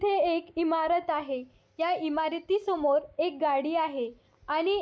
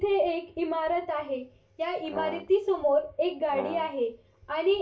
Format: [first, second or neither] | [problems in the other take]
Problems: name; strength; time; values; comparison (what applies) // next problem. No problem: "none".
first | background sound (Brass instrument); 11 dB below the speech // room echo; dies away in 0.3 s